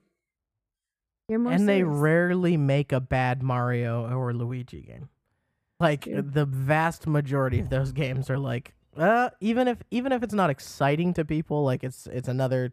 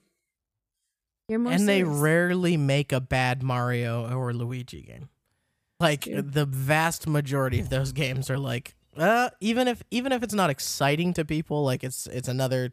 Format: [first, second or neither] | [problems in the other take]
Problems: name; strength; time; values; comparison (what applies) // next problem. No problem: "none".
second | muffled; slightly; fading above 2.5 kHz